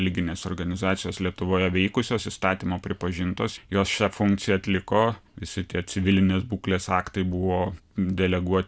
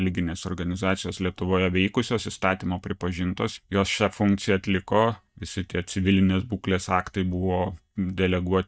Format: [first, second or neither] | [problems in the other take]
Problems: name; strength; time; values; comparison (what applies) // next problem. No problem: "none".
first | noise reduction (neural mask model DeepFilterNet 3)